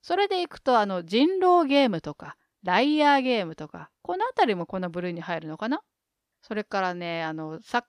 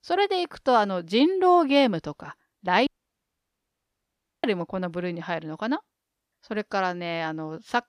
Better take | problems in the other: first | audio cutting out; at 3 s for 1.5 s

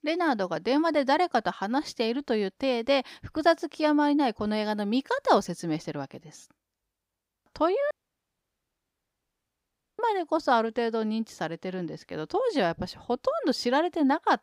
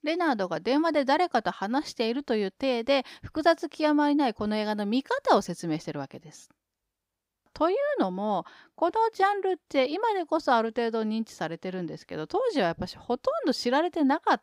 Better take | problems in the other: second | audio cutting out; at 8 s for 2 s

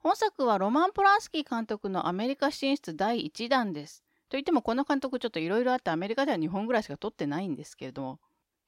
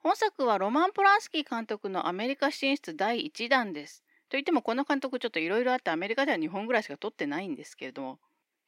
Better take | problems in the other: first | thin; very slightly; fading below 300 Hz

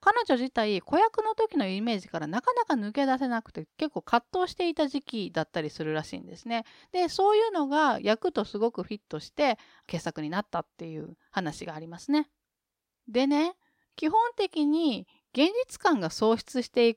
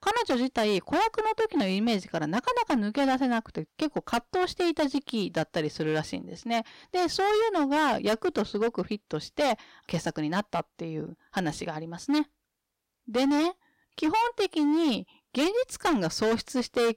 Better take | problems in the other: first | distortion; heavy; 14% of the sound clipped

